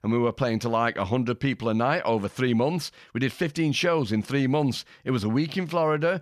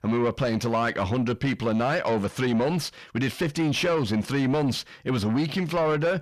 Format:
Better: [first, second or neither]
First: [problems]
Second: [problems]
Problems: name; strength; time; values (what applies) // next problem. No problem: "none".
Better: first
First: none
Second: distortion; slight; 10 dB below the speech